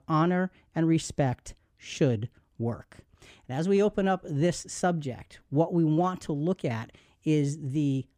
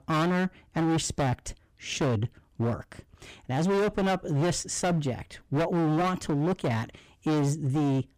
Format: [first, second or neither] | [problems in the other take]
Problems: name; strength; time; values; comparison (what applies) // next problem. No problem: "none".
first | distortion; heavy; 21% of the sound clipped